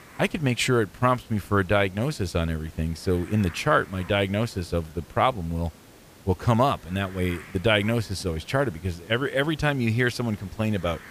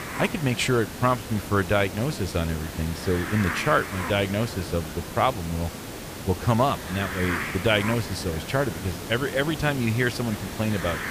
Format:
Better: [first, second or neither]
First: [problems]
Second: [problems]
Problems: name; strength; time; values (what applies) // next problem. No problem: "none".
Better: first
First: hiss; faint; throughout; 20 dB below the speech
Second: hiss; loud; throughout; 8 dB below the speech